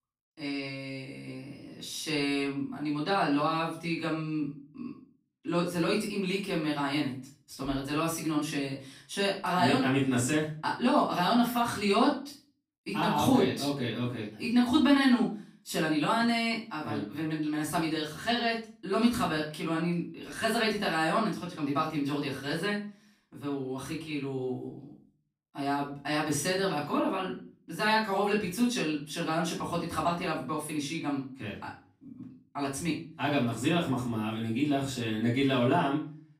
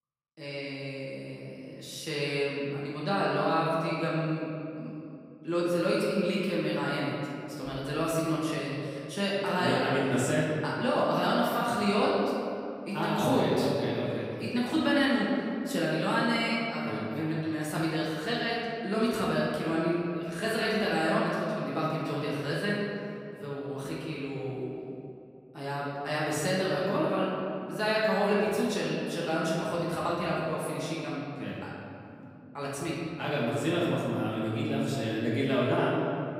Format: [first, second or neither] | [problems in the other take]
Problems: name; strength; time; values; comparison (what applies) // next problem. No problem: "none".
first | room echo; strong; dies away in 2.3 s; slight in the first // off-mic speech; far; far in the first